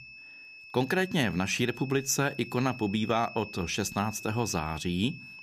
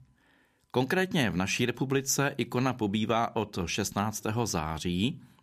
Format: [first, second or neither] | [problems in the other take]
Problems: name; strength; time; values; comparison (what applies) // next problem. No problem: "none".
second | high-pitched whine; noticeable; throughout; 2.5 kHz, 15 dB below the speech